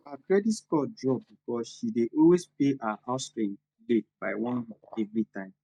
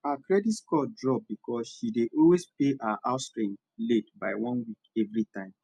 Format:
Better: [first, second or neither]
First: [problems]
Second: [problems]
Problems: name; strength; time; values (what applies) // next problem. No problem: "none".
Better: second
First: noise reduction (neural mask model DeepFilterNet 3)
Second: none